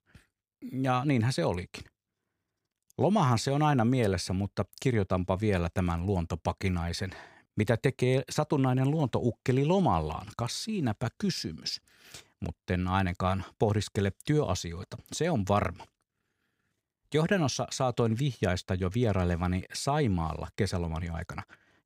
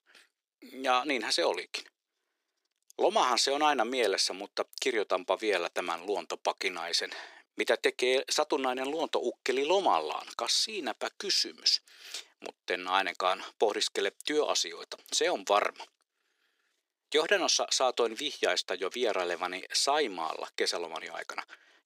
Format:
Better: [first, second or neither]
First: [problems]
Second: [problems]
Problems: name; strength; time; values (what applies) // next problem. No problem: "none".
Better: first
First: none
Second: thin; very; fading below 350 Hz